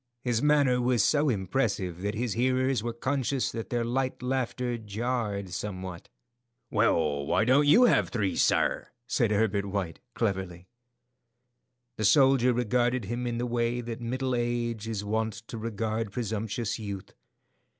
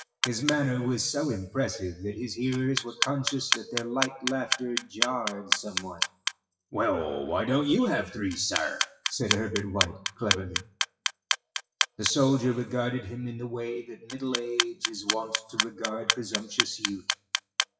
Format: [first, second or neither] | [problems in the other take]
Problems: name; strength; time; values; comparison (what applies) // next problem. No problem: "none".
first | noise reduction (classical method WPE with log-MMSE)